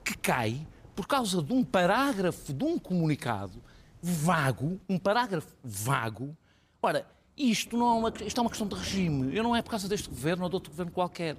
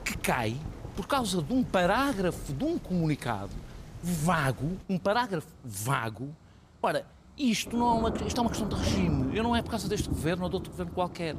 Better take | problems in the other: first | rain or running water; loud; throughout; 8 dB below the speech; faint in the first

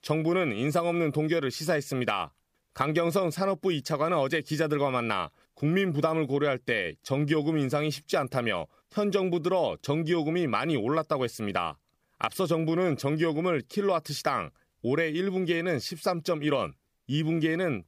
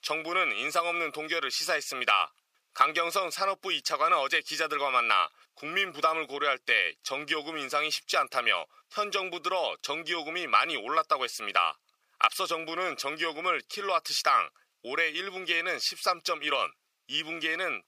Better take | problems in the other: first | thin; very; fading below 700 Hz

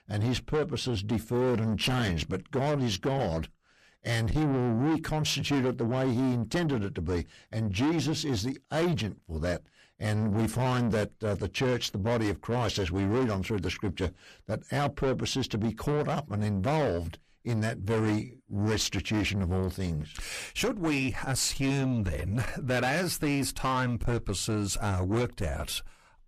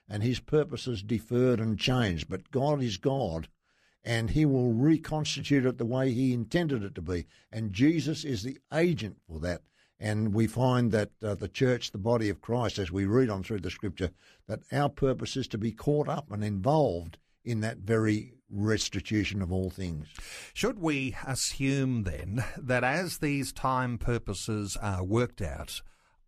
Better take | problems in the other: second | distortion; heavy; 7 dB below the speech

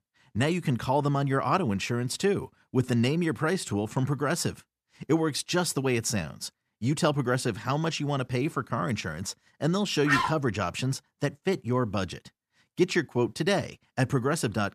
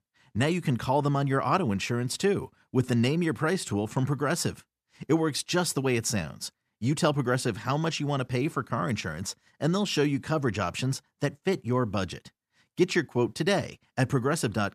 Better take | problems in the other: second | dog barking; loud; at 10 s; peak 2 dB above the speech

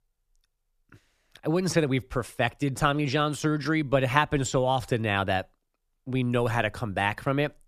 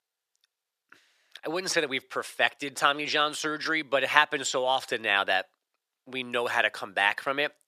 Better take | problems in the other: first | thin; very; fading below 500 Hz

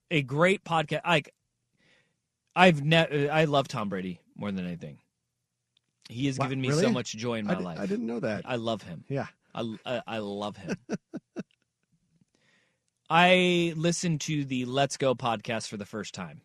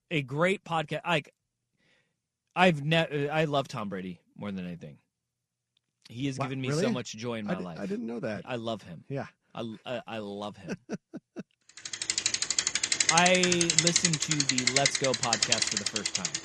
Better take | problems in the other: first | traffic noise; very loud; from 12 s on; 5 dB above the speech

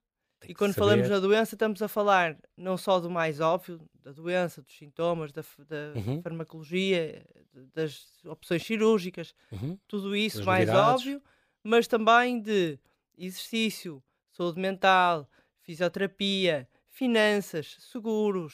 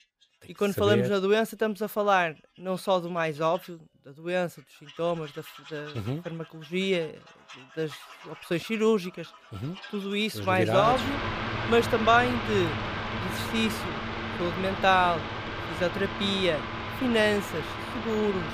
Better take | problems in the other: first | machinery noise; loud; throughout; 7 dB below the speech

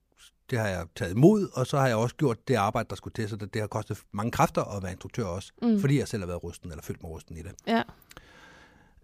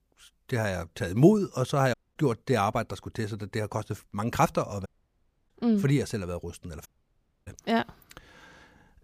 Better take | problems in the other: first | audio cutting out; at 2 s, at 5 s for 0.5 s and at 7 s for 0.5 s

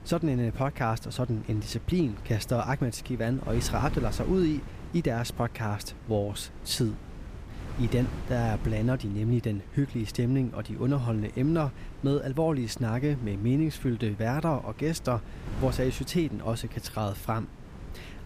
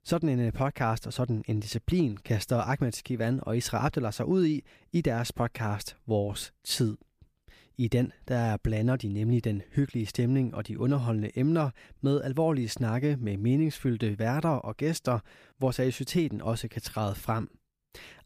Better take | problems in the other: second | wind noise on the microphone; occasional gusts; 15 dB below the speech

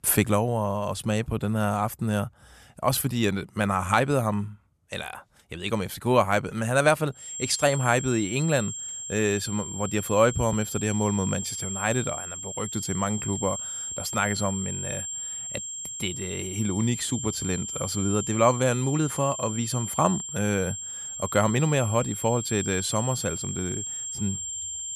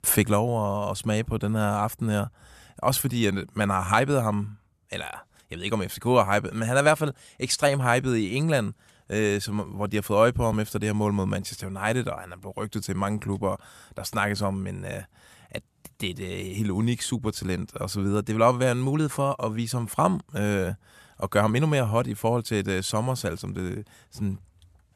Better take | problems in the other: second | high-pitched whine; loud; from 7.5 s on; 7.5 kHz, 6 dB below the speech

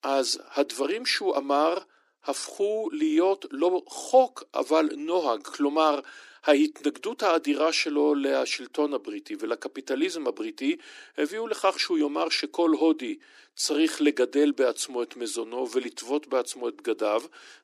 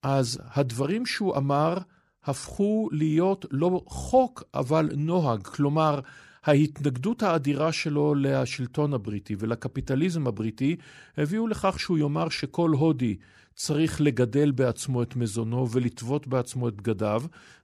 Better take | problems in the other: second | thin; somewhat; fading below 300 Hz

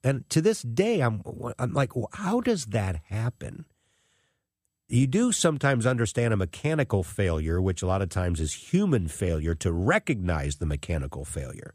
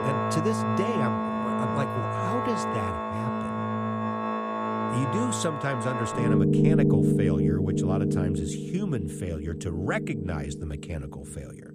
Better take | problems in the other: first | background music; very loud; throughout; 5 dB above the speech

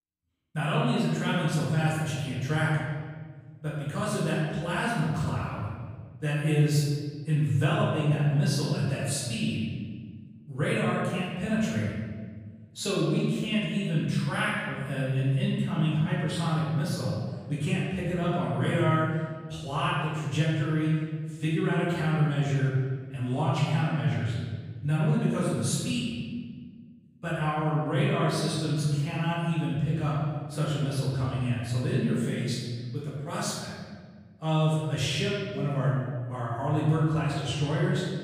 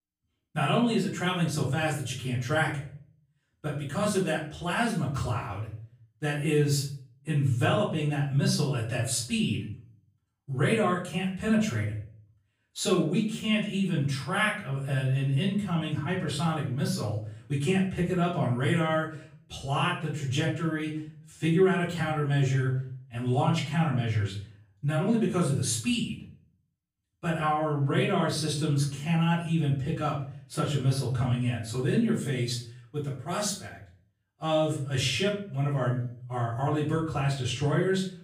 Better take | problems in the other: second | room echo; strong; dies away in 1.6 s; slight in the second // off-mic speech; far; far in the second

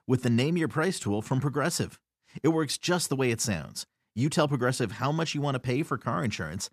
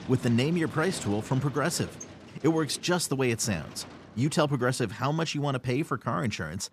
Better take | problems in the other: first | traffic noise; noticeable; throughout; 15 dB below the speech

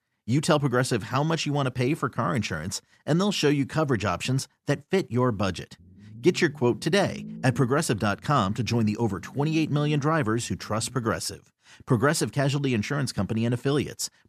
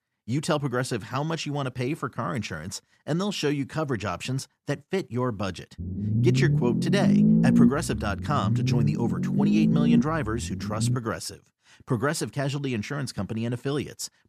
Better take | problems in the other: first | low rumble; loud; from 6 to 11 s; as loud as the speech; faint in the first

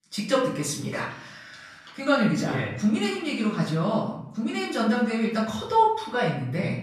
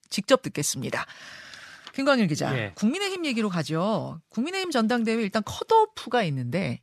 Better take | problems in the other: second | off-mic speech; far // room echo; noticeable; dies away in 0.6 s

